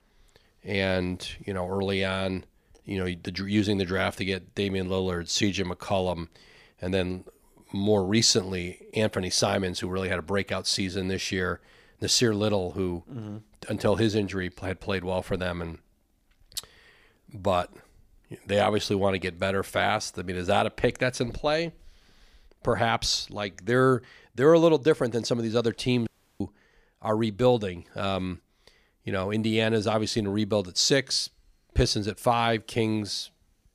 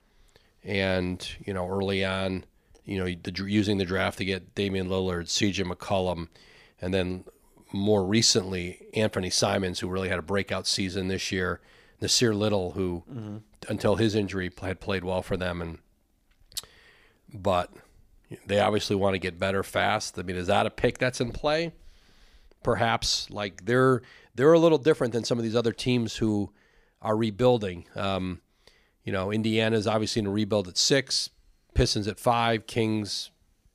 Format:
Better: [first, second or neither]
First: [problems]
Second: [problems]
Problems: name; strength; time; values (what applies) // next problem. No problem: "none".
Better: second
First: audio cutting out; at 26 s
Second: none